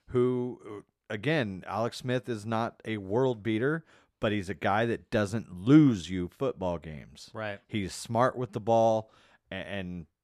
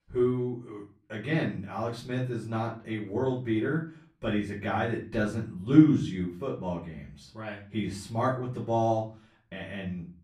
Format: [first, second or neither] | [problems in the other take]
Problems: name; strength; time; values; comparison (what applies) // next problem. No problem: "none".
first | off-mic speech; far // room echo; slight; dies away in 0.4 s